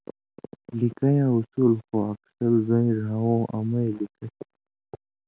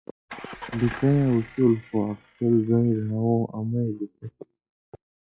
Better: first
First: none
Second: noise reduction (classical method log-MMSE)

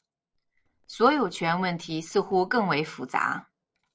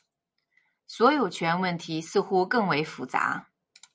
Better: second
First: noise reduction (neural separator model SepFormer DNS4)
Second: none

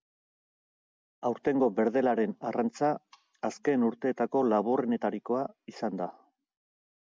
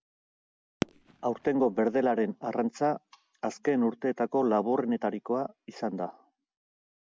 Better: first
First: none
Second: background sound (Fireworks); 9 dB below the speech

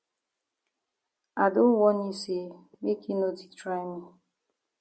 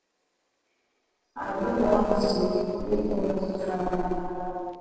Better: first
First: none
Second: noise reduction (neural separator model SepFormer DNS4)

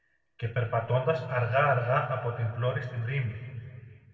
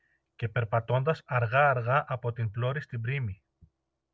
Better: second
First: room echo; dies away in 2 s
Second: none

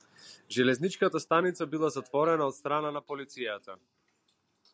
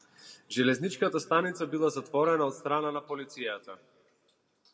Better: first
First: none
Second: room echo; dies away in 0.3 s

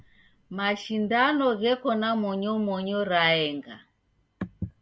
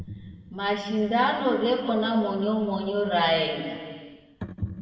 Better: first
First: none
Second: room echo; dies away in 1.7 s

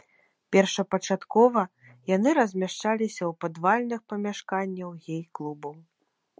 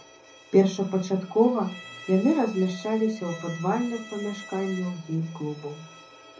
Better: first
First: none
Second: background sound (Bowed string instrument); 18 dB below the speech // room echo; dies away in 0.4 s

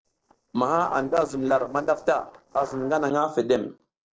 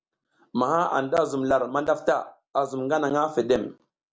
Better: second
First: noise reduction (neural separator model SepFormer DNS4)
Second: none

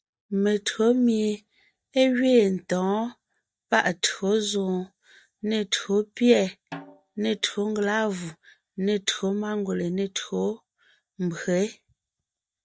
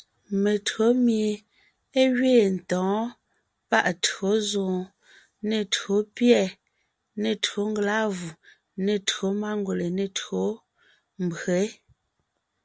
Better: second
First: noise reduction (neural mask model DeepFilterNet 3)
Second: none

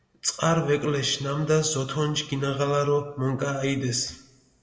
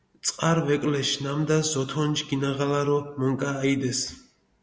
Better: second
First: room echo; dies away in 0.3 s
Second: none

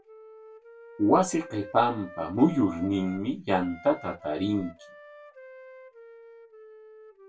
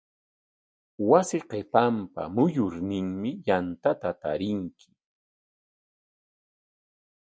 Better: second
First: background sound (Wind instrument, woodwind instrument); 18 dB below the speech // room echo; dies away in 0.2 s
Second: none

